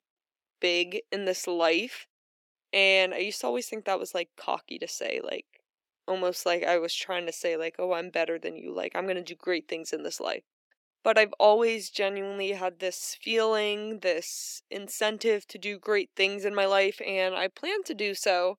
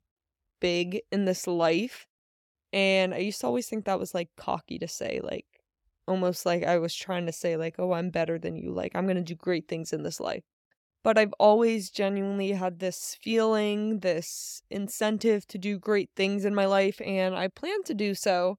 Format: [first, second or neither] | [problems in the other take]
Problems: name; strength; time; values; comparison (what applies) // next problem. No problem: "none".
second | thin; somewhat; fading below 300 Hz